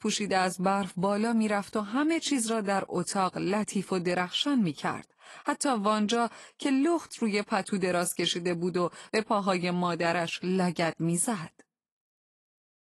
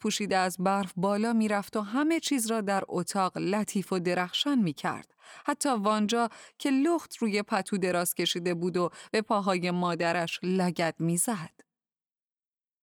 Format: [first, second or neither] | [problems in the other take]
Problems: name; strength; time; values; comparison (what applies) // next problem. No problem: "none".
second | garbled, watery; slightly; nothing above 11.5 kHz